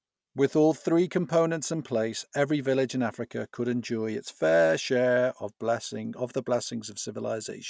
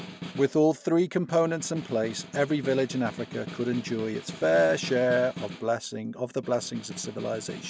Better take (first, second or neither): first